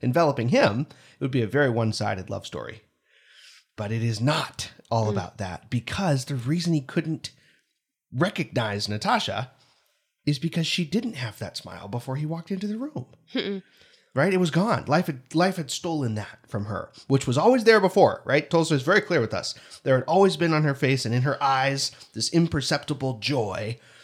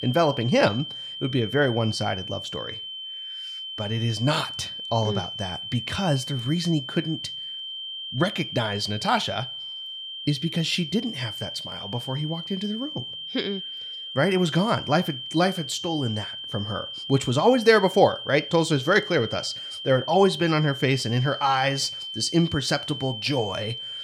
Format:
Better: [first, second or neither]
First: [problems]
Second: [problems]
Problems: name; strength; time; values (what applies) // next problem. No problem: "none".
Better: first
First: none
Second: high-pitched whine; loud; throughout; 3 kHz, 8 dB below the speech